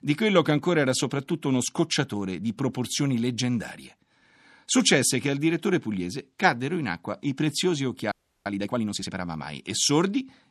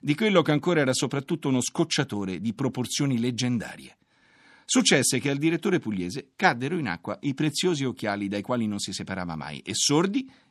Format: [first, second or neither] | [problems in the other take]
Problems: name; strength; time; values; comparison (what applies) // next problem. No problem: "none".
second | audio freezing; at 8 s